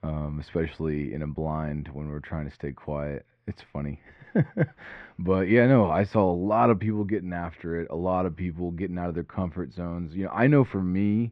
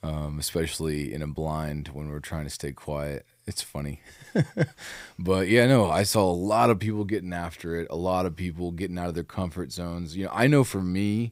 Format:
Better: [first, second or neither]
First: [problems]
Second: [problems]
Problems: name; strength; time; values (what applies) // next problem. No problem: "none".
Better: second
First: muffled; very; fading above 2 kHz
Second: none